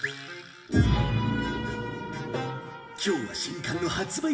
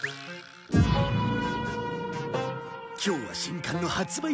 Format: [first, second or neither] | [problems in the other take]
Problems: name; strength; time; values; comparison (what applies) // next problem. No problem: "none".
second | room echo; dies away in 0.7 s